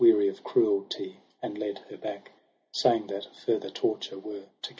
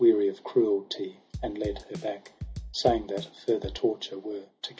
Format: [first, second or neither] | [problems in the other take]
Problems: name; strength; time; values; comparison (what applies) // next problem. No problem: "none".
first | background sound (Drum / Drum kit); 12 dB below the speech